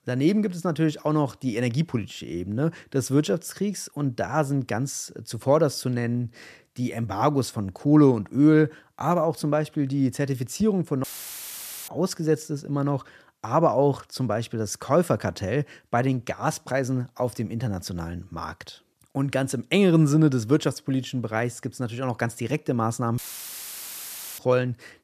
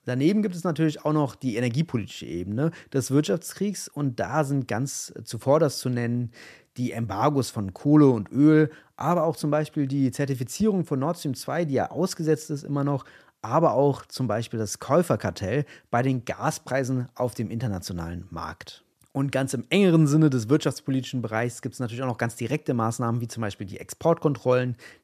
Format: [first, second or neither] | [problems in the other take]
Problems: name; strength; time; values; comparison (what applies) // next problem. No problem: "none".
second | audio cutting out; filled with static; at 11 s for 1 s and at 23 s for 1 s